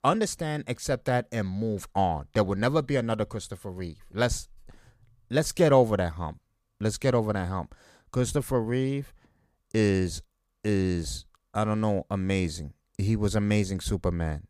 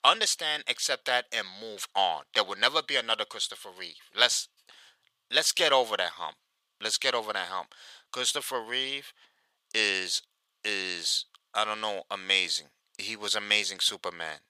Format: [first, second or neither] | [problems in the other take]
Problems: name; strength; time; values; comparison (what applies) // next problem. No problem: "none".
first | thin; very; fading below 850 Hz